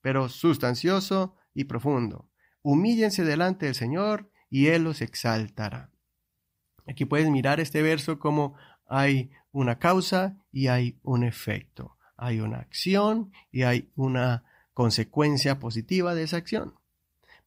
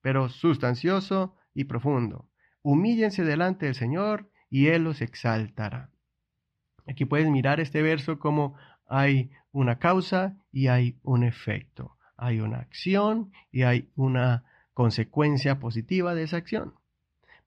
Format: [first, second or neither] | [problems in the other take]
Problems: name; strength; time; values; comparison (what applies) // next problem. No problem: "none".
first | muffled; very slightly; fading above 3 kHz